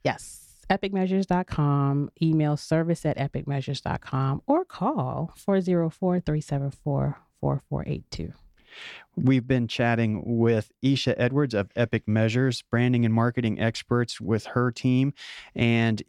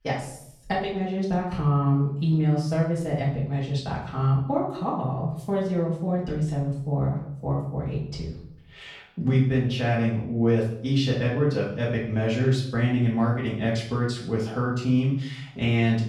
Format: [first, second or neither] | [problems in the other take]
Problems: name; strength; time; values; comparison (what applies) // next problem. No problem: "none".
first | off-mic speech; far // room echo; noticeable; dies away in 0.6 s